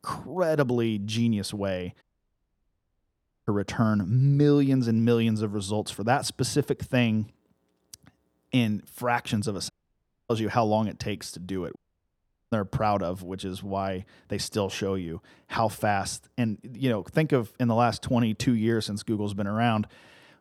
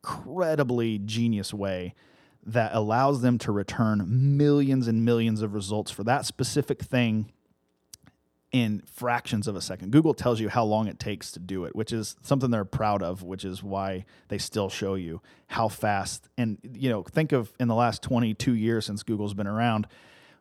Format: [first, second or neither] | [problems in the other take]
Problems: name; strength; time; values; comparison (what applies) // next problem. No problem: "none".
second | audio cutting out; at 2 s for 1.5 s, at 9.5 s for 0.5 s and at 12 s for 1 s